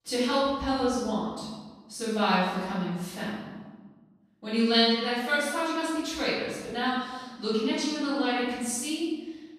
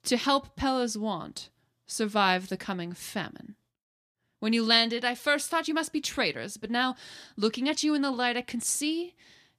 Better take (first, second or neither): second